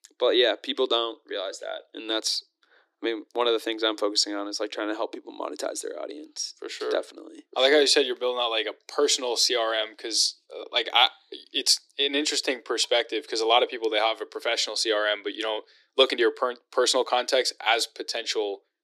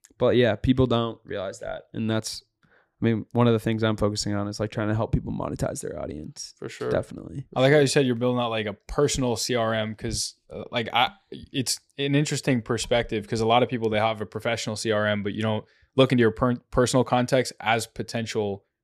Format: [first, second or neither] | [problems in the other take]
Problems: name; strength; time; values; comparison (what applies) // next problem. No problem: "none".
second | thin; very; fading below 300 Hz